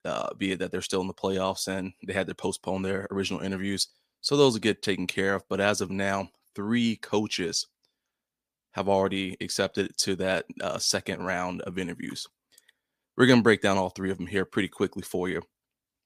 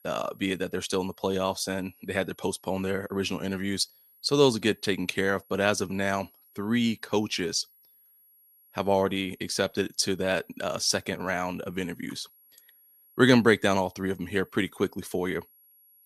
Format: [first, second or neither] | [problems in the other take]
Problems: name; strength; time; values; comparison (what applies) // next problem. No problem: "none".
first | high-pitched whine; faint; throughout; 11.5 kHz, 30 dB below the speech